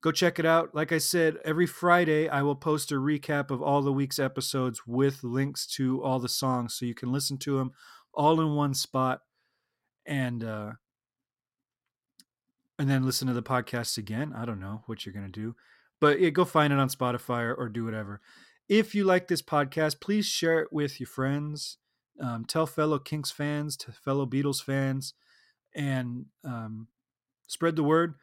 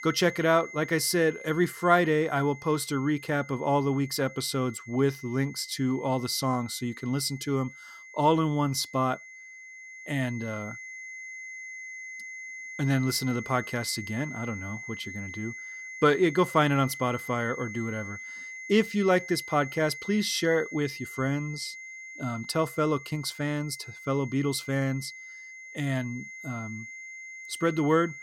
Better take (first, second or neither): first